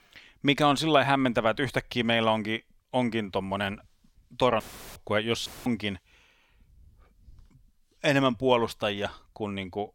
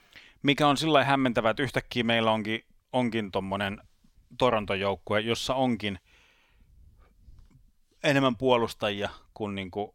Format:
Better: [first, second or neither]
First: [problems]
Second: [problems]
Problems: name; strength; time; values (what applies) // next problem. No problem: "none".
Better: second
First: audio cutting out; filled with static; at 4.5 s and at 5.5 s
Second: none